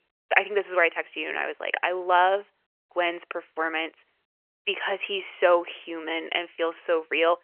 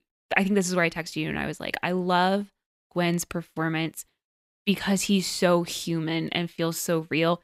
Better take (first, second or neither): second